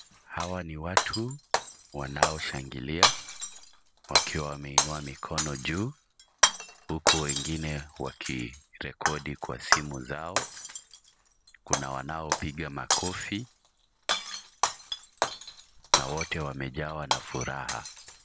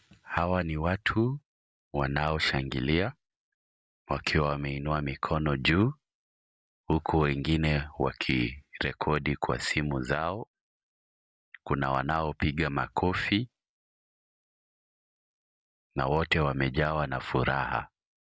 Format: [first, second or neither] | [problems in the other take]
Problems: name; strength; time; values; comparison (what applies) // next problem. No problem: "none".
second | background sound (Shatter); 4 dB above the speech